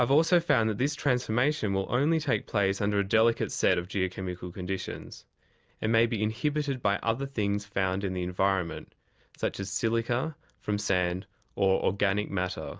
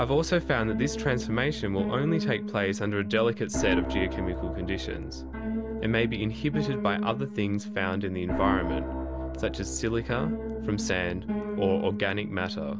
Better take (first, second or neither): first